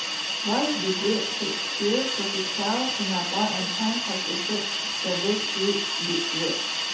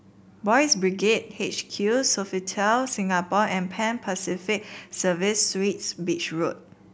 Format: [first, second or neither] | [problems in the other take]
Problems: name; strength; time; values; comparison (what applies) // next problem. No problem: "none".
second | background sound (Hiss); 1 dB above the speech // room echo; dies away in 0.5 s